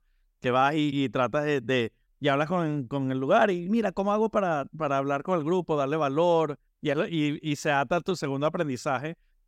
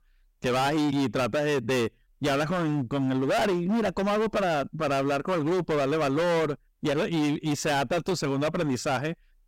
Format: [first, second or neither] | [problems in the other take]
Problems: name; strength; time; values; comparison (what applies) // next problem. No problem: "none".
first | distortion; heavy; 26% of the sound clipped